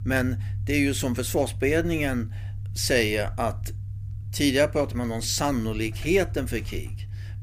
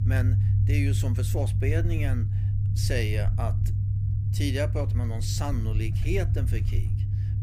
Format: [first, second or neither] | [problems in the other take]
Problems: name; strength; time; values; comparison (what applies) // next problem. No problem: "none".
first | low rumble; loud; throughout; 6 dB below the speech; faint in the first